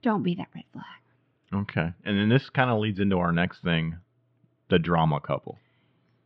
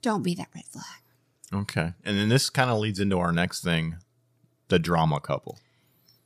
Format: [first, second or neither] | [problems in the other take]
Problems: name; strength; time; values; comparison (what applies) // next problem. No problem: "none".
second | muffled; very; fading above 3 kHz